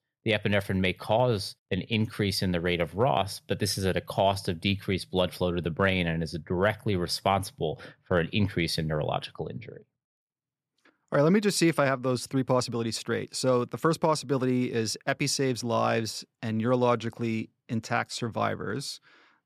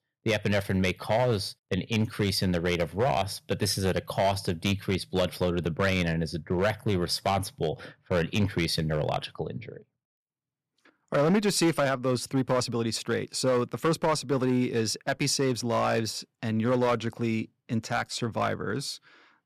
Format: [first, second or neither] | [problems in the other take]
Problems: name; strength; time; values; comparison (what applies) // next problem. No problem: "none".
first | distortion; slight; 4% of the sound clipped